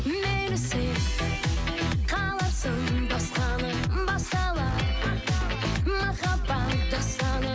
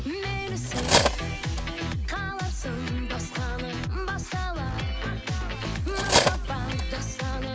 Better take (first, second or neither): first